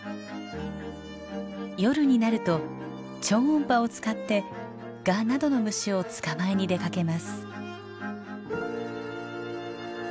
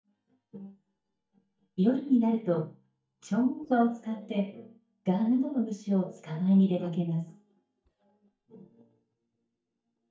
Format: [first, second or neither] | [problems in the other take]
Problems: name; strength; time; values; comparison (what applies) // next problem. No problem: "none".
first | noise reduction (neural mask model DeepFilterNet 3)